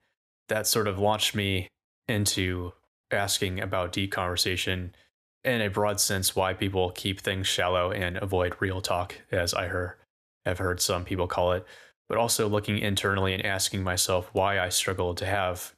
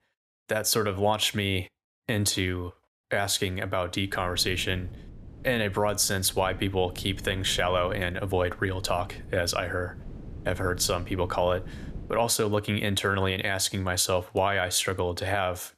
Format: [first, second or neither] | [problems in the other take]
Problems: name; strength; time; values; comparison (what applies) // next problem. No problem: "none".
first | wind noise on the microphone; occasional gusts; from 4 to 12 s; 25 dB below the speech